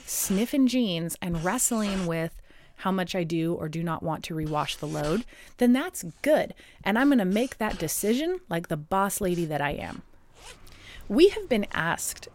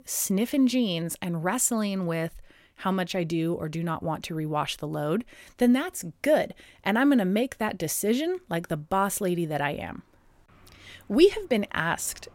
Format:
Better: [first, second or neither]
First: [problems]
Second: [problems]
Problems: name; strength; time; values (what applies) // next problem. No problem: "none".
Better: second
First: household noises; noticeable; throughout; 20 dB below the speech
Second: none